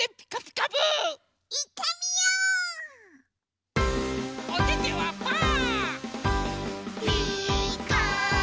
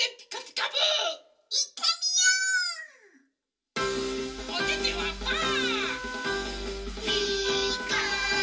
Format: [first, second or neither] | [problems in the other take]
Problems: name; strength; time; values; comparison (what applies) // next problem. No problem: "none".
first | background sound (Wind instrument, woodwind instrument); 13 dB below the speech // room echo; dies away in 0.3 s